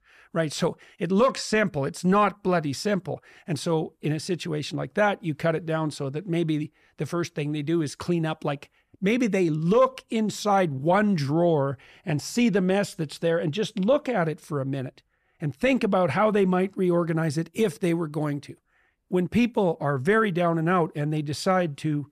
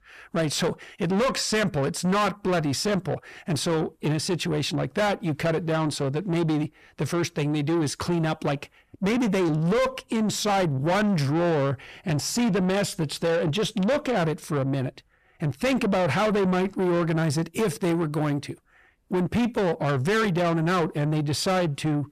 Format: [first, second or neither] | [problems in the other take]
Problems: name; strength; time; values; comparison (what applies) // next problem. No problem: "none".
first | distortion; heavy; 8 dB below the speech